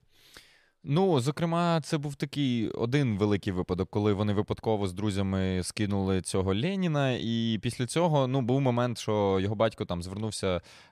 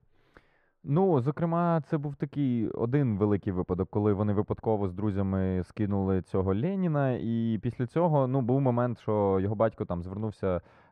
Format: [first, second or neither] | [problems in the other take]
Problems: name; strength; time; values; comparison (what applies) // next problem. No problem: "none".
first | muffled; very; fading above 2.5 kHz